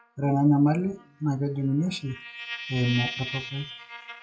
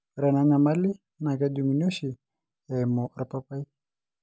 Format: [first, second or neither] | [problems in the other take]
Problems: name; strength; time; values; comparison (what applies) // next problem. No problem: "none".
second | noise reduction (classical method WPE with log-MMSE)